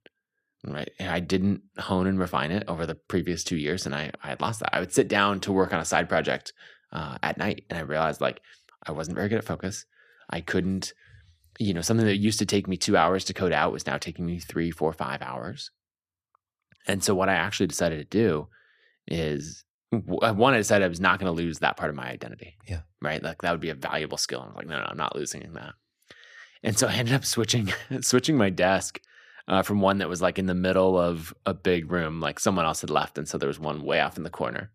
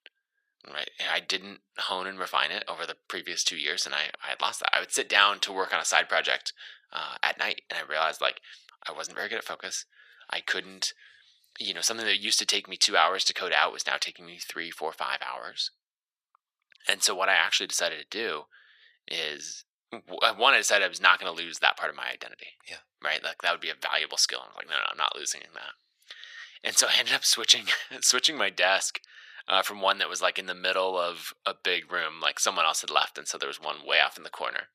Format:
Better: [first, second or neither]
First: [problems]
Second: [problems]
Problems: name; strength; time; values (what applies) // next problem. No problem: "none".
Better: first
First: none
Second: thin; very; fading below 750 Hz